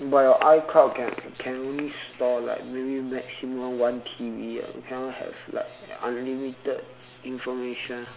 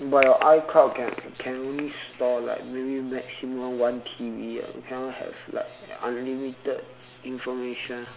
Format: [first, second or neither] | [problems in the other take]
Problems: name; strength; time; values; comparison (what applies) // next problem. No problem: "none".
first | background sound (Finger snapping); 12 dB below the speech